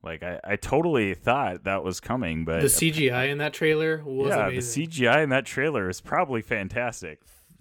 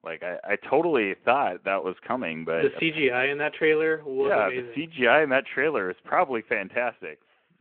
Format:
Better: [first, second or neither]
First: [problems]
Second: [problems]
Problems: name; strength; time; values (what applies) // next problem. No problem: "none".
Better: first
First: none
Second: phone-call audio